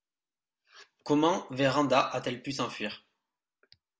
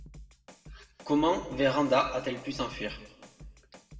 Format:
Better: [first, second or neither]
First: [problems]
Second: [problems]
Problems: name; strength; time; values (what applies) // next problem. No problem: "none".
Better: first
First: none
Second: background sound (Drum kit); 19 dB below the speech // room echo; dies away in 1.1 s